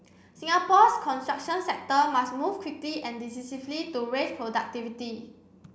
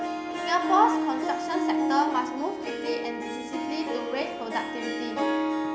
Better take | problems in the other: first | background sound (Harp); 1 dB above the speech

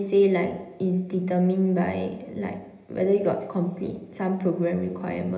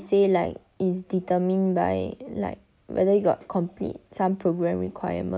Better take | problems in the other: second | room echo; dies away in 1 s

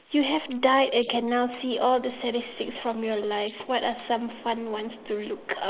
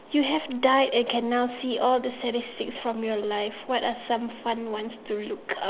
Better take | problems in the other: second | noise reduction (neural mask model Resemble Enhance denoiser)

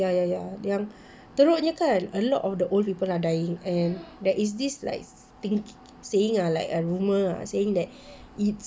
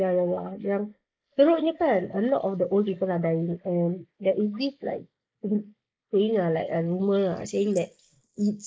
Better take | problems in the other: first | noise reduction (neural mask model Resemble Enhance denoiser)

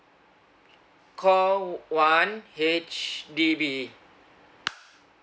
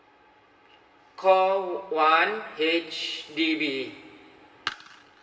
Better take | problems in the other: first | room echo; dies away in 2.1 s

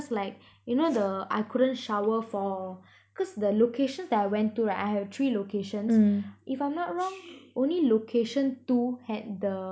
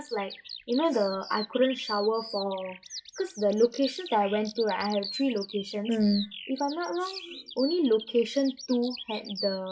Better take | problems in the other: first | noise reduction (classical method WPE with log-MMSE)

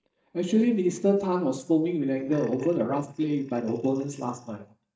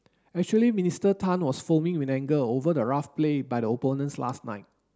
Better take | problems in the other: second | noise reduction (neural mask model DeepFilterNet 3)

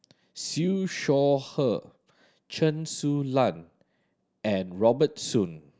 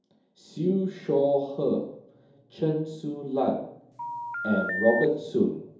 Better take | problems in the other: first | background sound (Telephone); 5 dB below the speech // room echo; dies away in 2.8 s

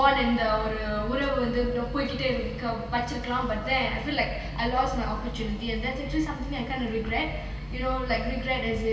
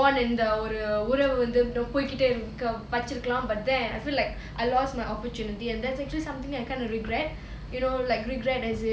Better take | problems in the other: second | room echo; dies away in 2.5 s

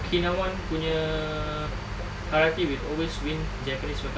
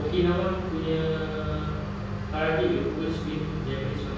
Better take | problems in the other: first | room echo; dies away in 1.3 s

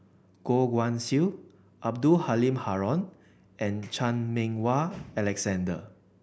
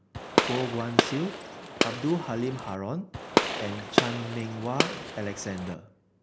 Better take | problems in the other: first | background sound (Gunshot, gunfire); 4 dB above the speech

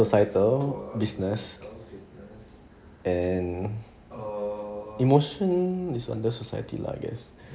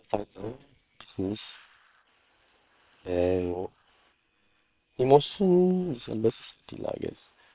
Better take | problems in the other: first | noise reduction (neural separator model SepFormer WHAM!)

